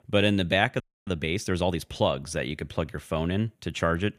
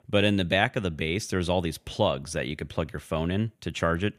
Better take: second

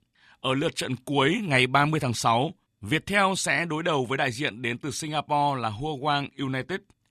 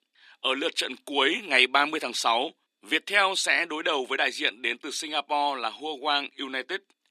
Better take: first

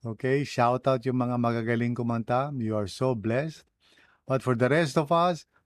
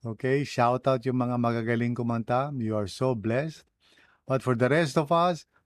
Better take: neither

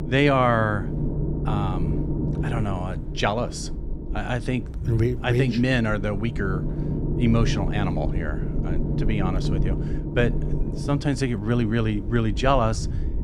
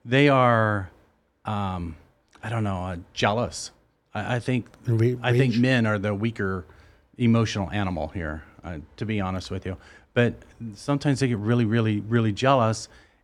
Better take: second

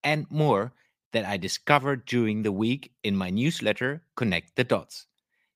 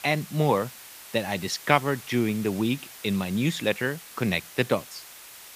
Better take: first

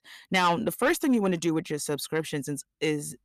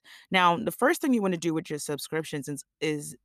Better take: second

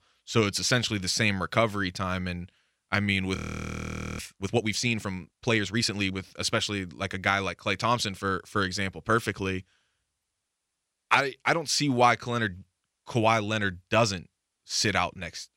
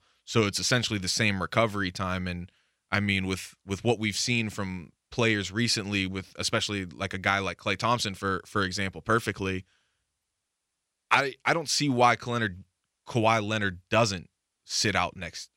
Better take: second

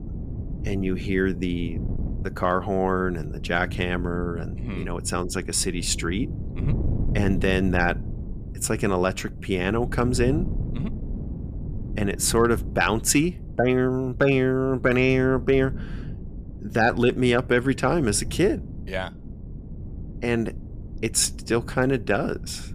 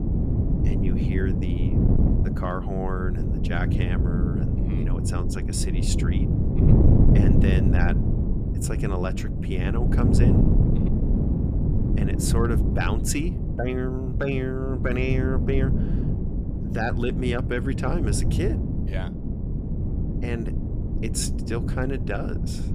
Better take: first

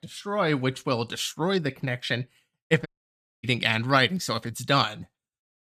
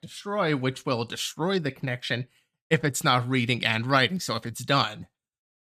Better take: second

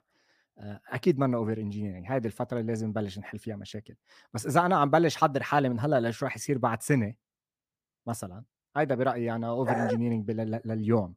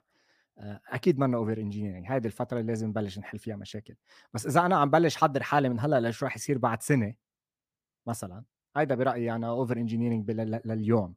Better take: second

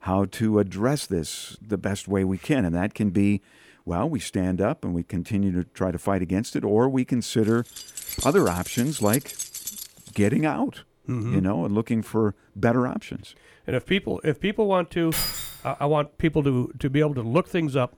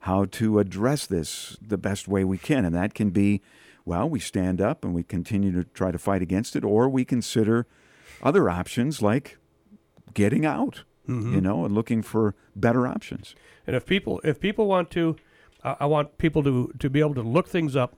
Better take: second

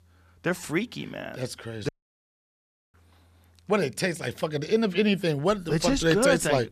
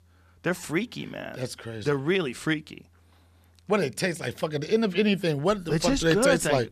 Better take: second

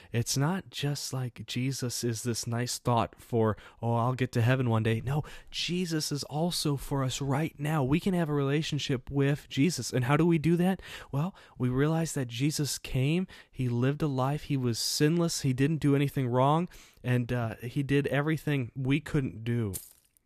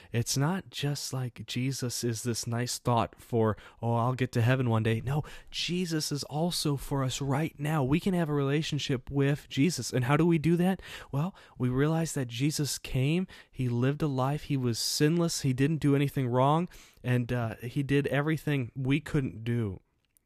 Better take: second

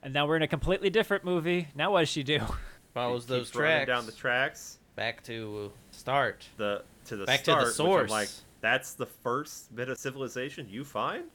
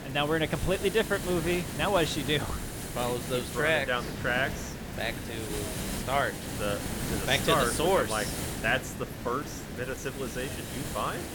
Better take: first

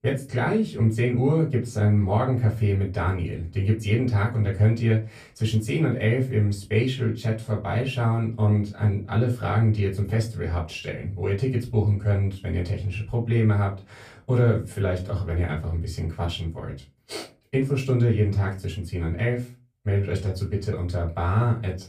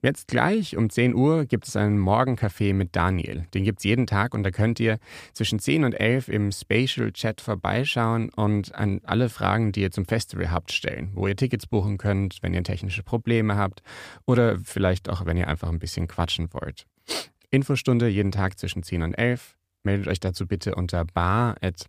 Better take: second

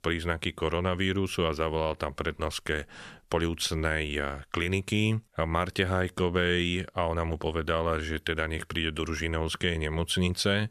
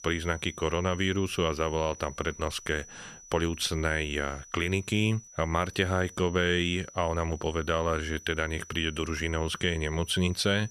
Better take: first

